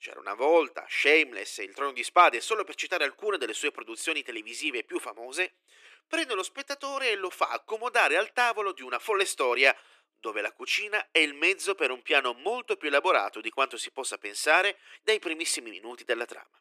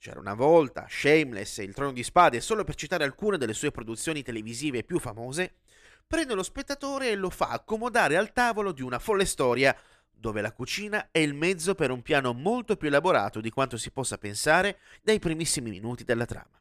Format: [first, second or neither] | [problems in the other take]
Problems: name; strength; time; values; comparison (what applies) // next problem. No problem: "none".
second | thin; very; fading below 350 Hz